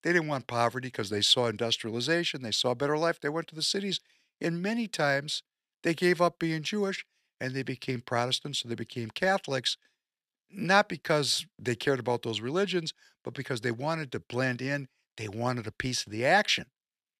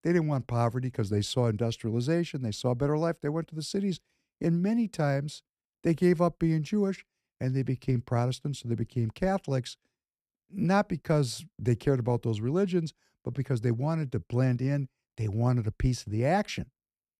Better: second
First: thin; somewhat; fading below 700 Hz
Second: none

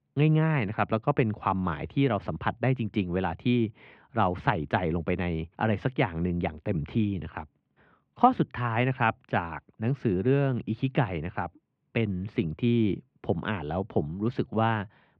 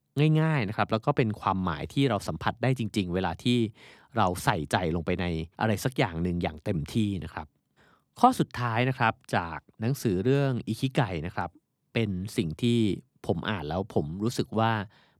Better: second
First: muffled; very; fading above 2.5 kHz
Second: none

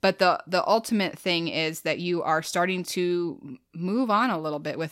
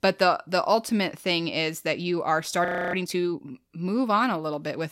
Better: first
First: none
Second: audio freezing; at 2.5 s

